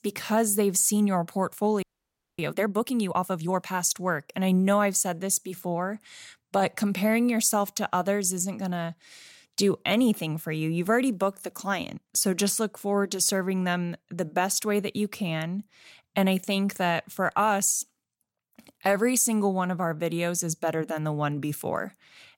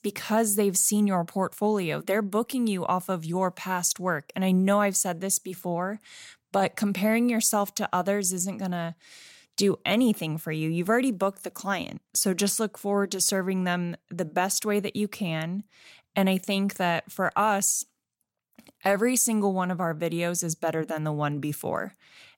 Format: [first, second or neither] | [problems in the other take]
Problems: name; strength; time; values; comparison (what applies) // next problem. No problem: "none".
second | audio freezing; at 2 s for 0.5 s